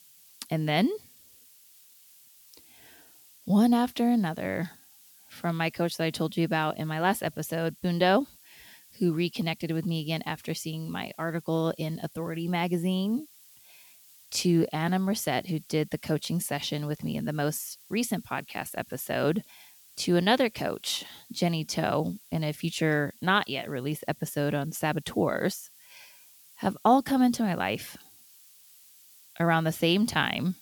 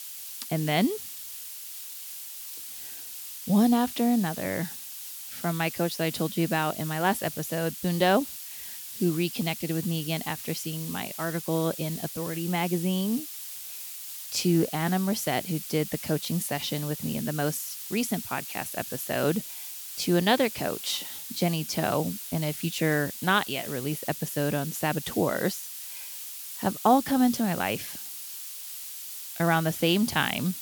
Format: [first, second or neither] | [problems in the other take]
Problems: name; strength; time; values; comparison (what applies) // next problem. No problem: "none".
first | hiss; loud; throughout; 8 dB below the speech; faint in the first